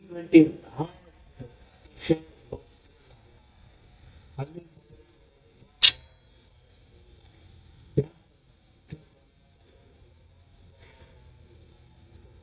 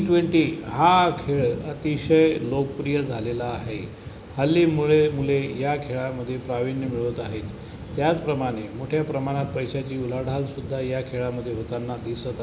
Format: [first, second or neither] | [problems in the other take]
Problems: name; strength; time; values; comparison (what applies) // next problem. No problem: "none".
second | noise reduction (neural mask model DeepFilterNet 3)